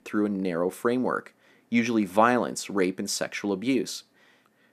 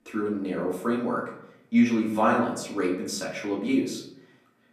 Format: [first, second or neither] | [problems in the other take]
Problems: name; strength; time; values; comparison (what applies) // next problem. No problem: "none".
first | off-mic speech; far // room echo; slight; dies away in 0.6 s